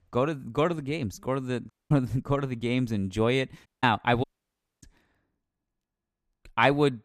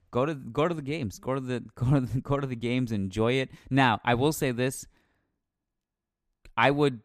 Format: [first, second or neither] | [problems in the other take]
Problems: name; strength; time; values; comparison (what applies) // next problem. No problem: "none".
second | audio cutting out; at 1.5 s, at 3.5 s and at 4 s for 0.5 s